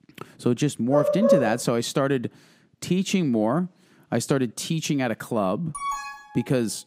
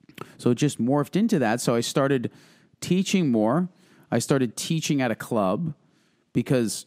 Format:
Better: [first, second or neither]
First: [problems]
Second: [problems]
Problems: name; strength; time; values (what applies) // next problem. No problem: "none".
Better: second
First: dog barking; loud; at 1 s; peak 4 dB above the speech // alarm; noticeable; at 5.5 s; peak 5 dB below the speech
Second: none